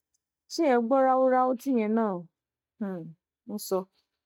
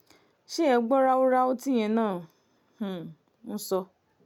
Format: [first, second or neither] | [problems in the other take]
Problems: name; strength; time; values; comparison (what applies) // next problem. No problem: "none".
second | noise reduction (neural mask model DeepFilterNet 3)